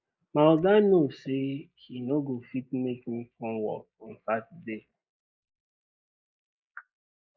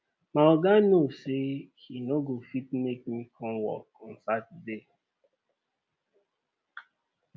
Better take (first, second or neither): second